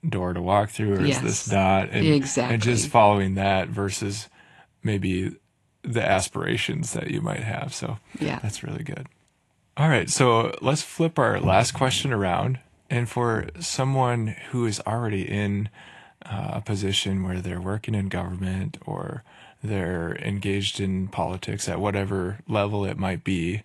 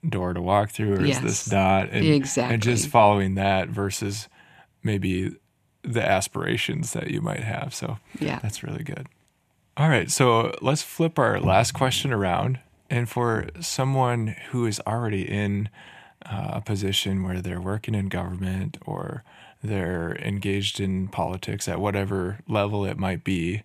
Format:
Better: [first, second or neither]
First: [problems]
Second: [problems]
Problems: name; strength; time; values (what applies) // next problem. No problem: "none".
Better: second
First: garbled, watery; slightly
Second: none